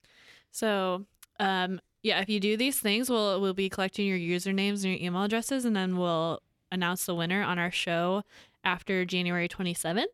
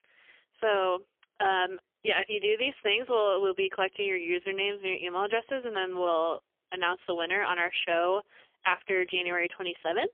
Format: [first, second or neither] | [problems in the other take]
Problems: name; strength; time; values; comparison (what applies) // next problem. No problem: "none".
first | phone-call audio; poor line; nothing above 3.5 kHz